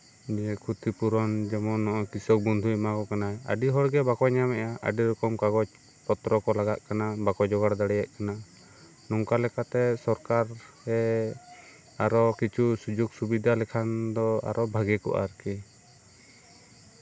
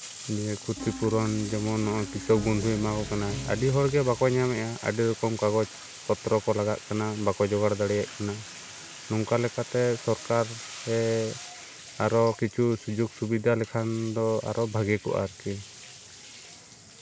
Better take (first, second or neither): first